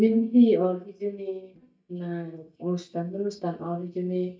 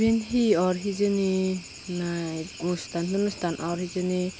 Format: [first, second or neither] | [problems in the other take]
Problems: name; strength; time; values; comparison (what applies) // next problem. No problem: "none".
second | noise reduction (neural mask model DeepFilterNet 3)